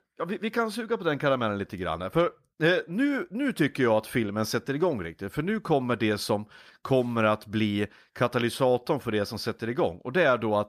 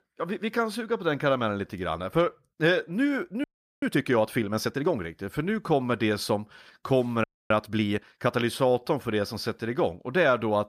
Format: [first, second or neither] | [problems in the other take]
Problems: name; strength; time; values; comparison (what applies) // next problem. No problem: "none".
first | audio freezing; at 3.5 s and at 7 s